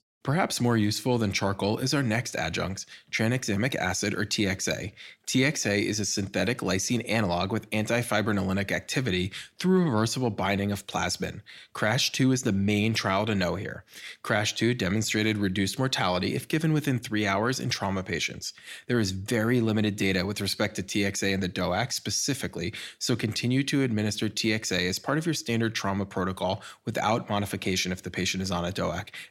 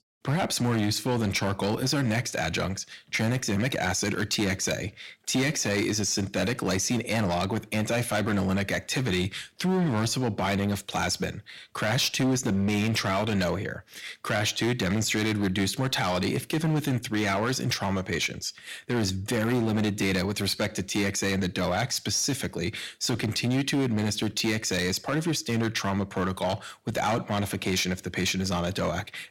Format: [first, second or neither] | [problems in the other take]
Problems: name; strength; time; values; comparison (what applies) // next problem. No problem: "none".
first | distortion; slight; 11% of the sound clipped